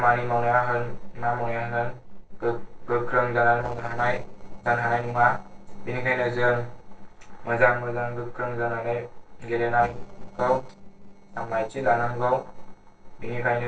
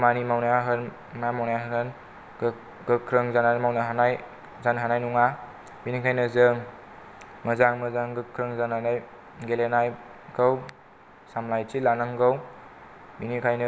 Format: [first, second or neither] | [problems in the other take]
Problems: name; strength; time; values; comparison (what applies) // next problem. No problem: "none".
second | noise reduction (neural separator model SepFormer DNS4)